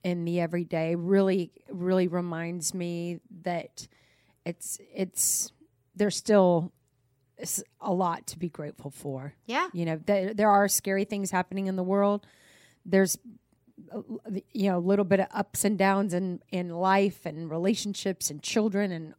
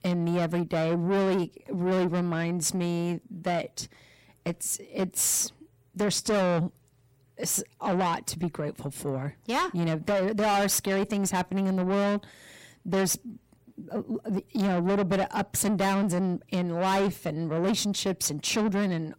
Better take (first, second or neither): first